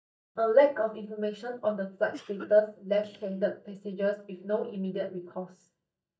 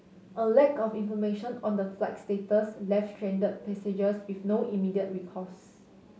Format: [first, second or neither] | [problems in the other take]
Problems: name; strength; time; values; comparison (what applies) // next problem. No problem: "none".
second | noise reduction (neural mask model DeepFilterNet 3)